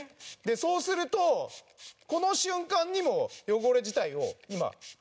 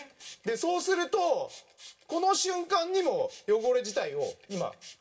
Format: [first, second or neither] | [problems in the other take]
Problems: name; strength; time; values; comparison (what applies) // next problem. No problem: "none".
first | room echo; dies away in 0.2 s